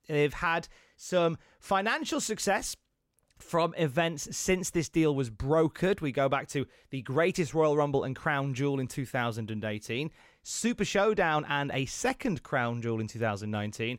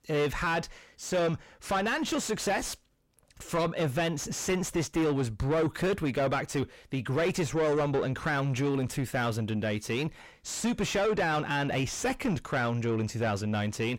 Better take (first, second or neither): first